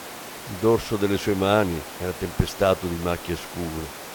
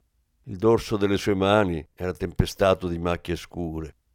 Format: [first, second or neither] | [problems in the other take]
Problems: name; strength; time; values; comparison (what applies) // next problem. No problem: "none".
second | hiss; noticeable; throughout; 10 dB below the speech